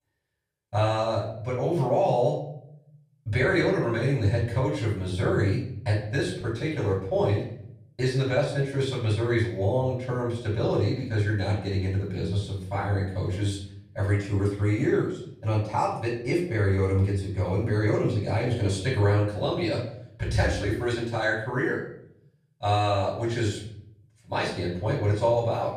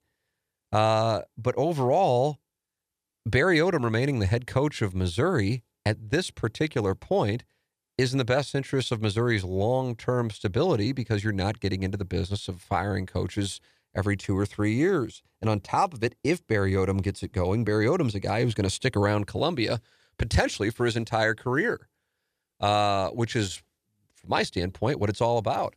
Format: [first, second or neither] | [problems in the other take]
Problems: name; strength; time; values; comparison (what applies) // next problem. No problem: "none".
second | off-mic speech; far // room echo; noticeable; dies away in 0.6 s